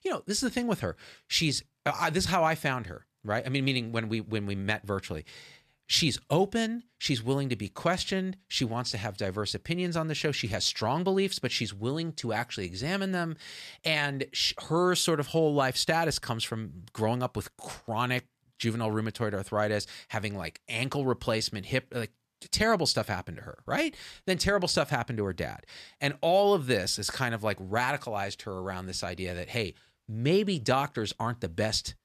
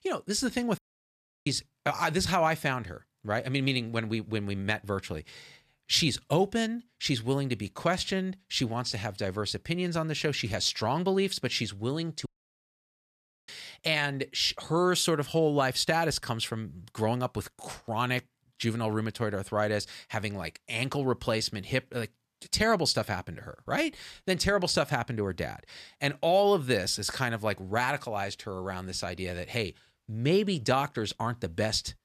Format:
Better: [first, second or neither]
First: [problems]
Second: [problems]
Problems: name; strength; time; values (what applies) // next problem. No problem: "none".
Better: first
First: none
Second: audio cutting out; at 1 s for 0.5 s and at 12 s for 1 s